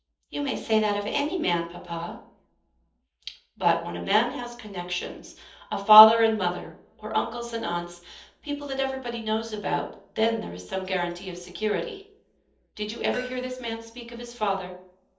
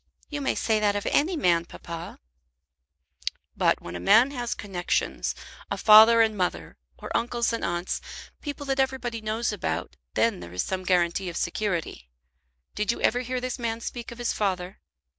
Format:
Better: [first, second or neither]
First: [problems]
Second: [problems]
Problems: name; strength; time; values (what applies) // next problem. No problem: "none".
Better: second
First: background sound (Hammer); 19 dB below the speech // room echo; dies away in 0.7 s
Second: none